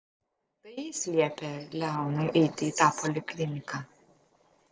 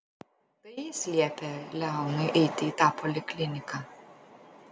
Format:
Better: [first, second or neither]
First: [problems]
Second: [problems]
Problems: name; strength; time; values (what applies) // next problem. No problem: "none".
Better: second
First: noise reduction (neural separator model SepFormer DNS4)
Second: none